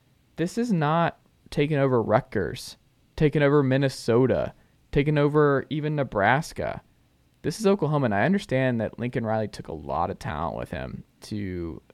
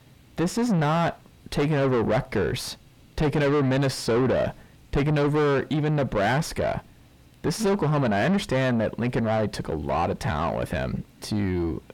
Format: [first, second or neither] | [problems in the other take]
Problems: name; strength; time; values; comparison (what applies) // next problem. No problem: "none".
first | distortion; heavy; 6 dB below the speech